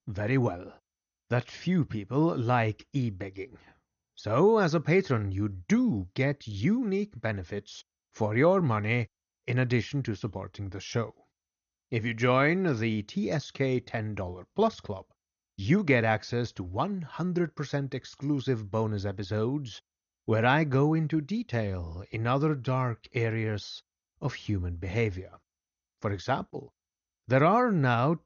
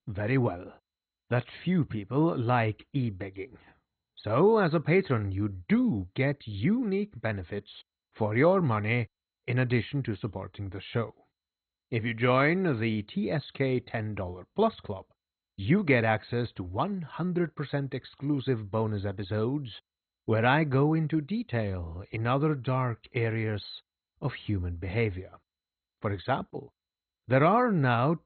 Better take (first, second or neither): first